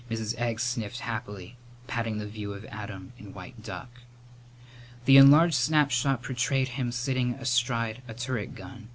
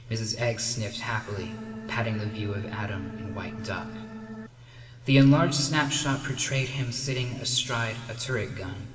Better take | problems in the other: first | background sound (Organ); 11 dB below the speech // room echo; dies away in 2.3 s

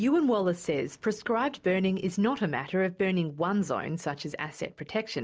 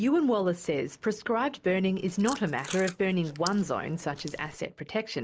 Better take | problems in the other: first | noise reduction (neural mask model Resemble Enhance denoiser)

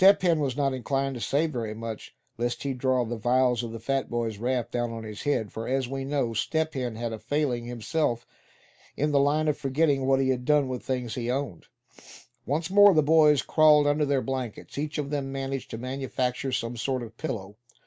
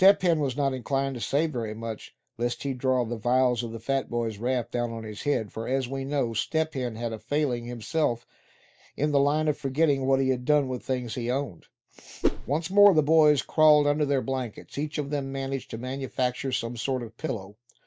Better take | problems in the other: first | noise reduction (neural mask model DeepFilterNet 3)

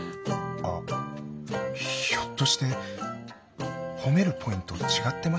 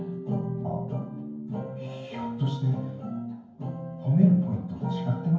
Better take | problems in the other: first | room echo; dies away in 0.9 s

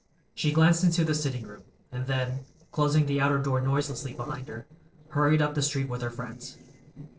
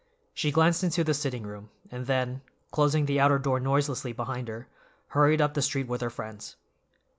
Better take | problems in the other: second | noise reduction (neural separator model SepFormer DNS4)

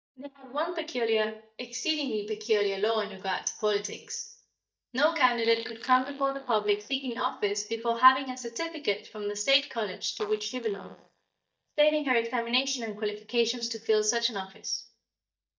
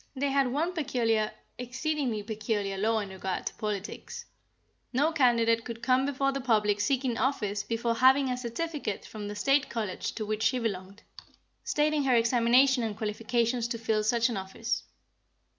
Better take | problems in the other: second | noise reduction (neural mask model DeepFilterNet 3)

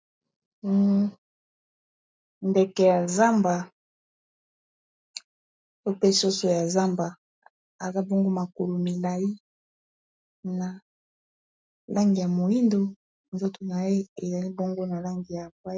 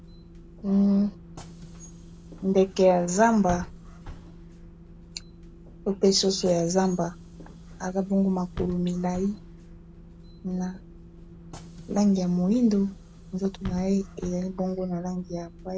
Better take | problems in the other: first | background sound (Bus / Engine); 16 dB below the speech

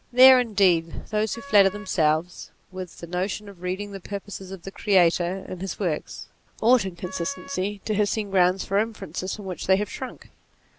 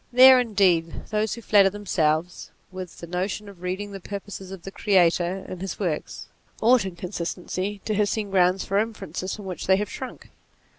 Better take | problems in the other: second | background sound (Wind instrument, woodwind instrument); 19 dB below the speech

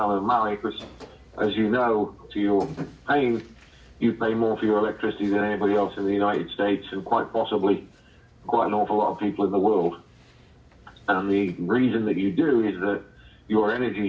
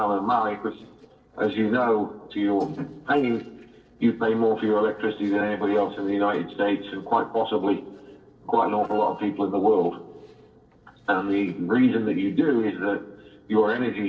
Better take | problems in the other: first | noise reduction (neural separator model SepFormer DNS4)

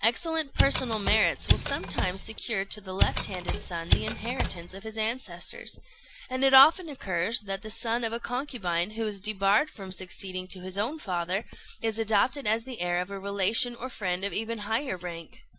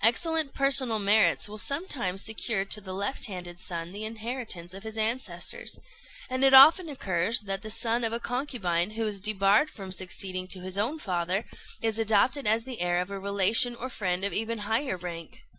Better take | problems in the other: second | background sound (Mechanisms); 1 dB above the speech

